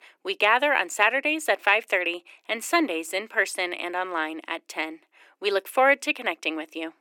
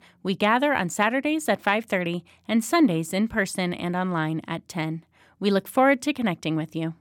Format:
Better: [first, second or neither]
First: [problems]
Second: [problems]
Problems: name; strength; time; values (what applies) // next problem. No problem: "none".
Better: second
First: thin; very; fading below 350 Hz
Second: none